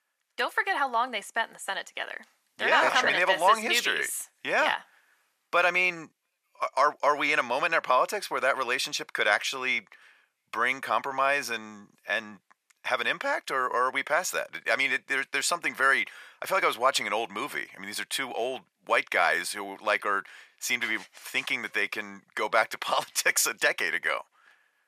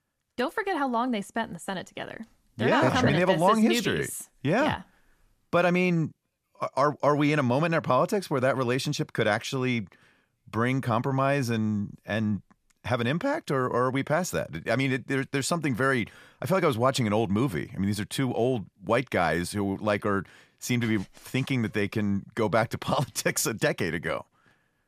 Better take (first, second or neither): second